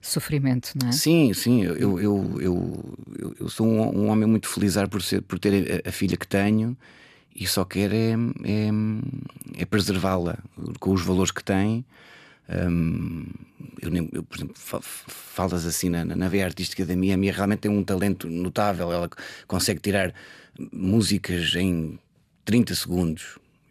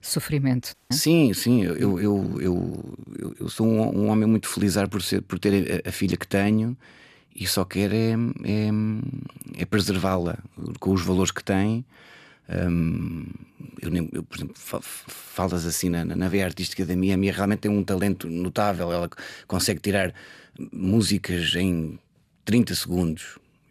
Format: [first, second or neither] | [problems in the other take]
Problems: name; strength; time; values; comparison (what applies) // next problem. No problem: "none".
first | audio cutting out; at 0.5 s